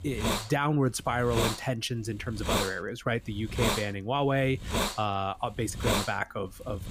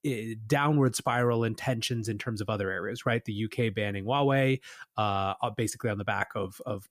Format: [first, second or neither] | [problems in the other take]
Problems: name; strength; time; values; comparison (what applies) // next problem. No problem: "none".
second | hiss; loud; throughout; 1 dB below the speech